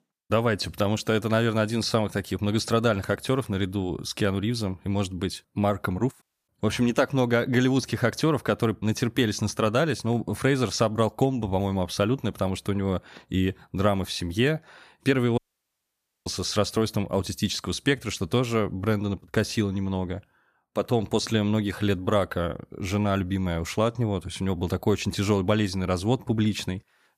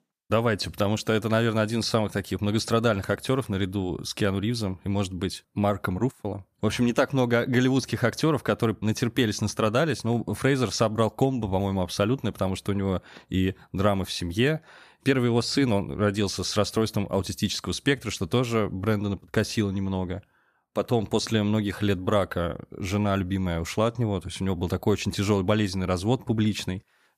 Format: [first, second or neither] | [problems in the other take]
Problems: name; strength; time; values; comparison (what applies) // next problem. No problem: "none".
second | audio cutting out; at 6 s and at 15 s for 1 s